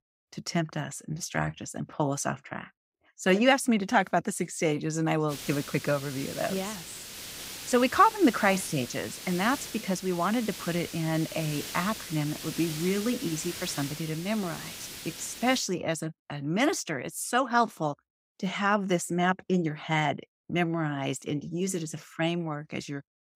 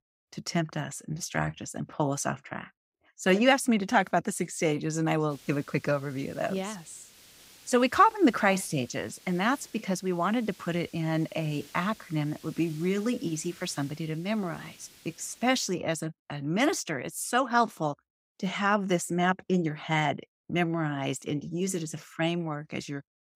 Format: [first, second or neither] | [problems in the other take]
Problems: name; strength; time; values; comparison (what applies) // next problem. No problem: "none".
second | hiss; loud; from 5.5 to 16 s; 10 dB below the speech; faint in the second